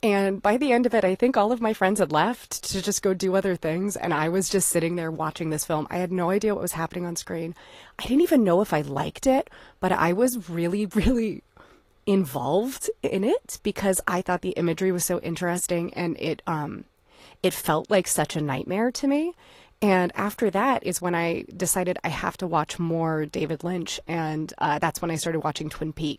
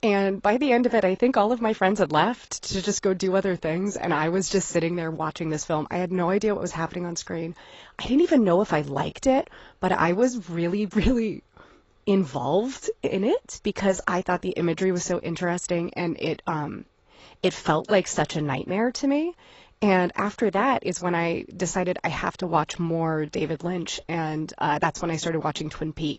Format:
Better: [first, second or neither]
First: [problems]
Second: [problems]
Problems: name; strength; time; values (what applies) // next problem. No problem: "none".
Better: first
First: garbled, watery; slightly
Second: garbled, watery; badly; nothing above 8 kHz